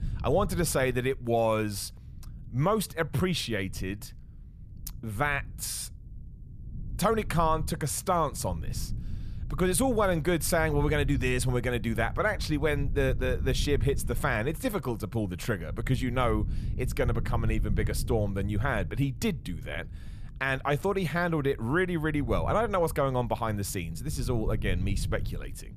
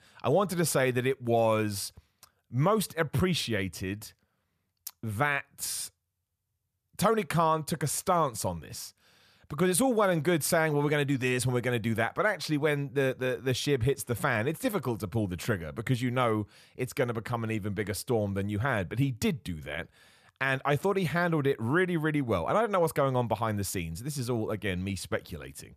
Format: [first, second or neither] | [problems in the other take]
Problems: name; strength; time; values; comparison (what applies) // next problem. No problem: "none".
second | low rumble; faint; throughout; 20 dB below the speech